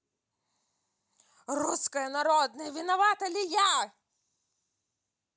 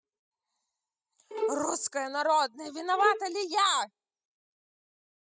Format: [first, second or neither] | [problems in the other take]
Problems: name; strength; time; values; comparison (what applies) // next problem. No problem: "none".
first | noise reduction (classical method spectral subtraction)